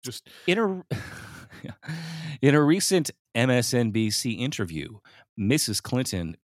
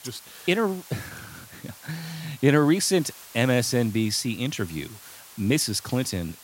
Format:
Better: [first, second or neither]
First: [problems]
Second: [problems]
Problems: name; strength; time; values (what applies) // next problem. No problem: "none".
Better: first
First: none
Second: hiss; noticeable; throughout; 20 dB below the speech